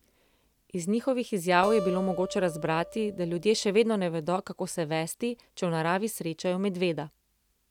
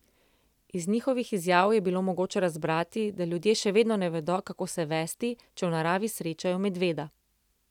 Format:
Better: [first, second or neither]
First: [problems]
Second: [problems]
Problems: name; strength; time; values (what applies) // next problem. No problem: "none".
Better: second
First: background sound (Acoustic guitar); 11 dB below the speech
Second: none